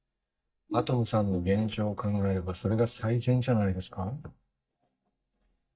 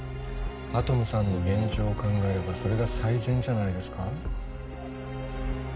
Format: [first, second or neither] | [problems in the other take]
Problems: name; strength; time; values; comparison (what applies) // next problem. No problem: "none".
second | noise reduction (neural mask model DeepFilterNet 3)